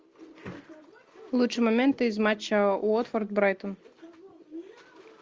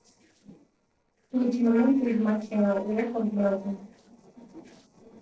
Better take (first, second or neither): first